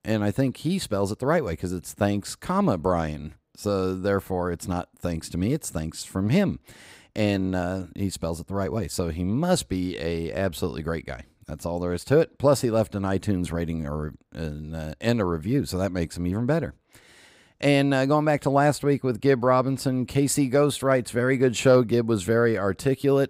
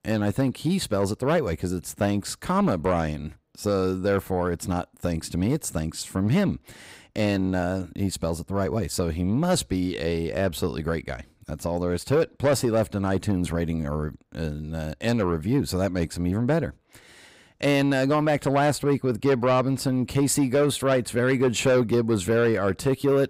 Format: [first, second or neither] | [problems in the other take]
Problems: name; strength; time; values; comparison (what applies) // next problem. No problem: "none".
first | distortion; slight; 10 dB below the speech